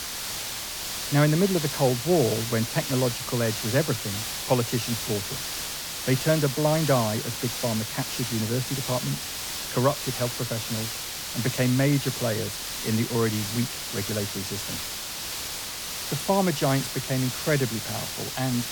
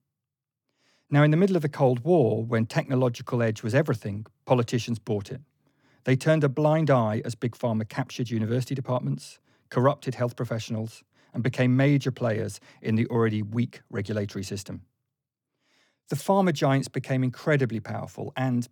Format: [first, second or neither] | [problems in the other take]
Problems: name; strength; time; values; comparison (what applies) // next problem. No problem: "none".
second | hiss; loud; throughout; 3 dB below the speech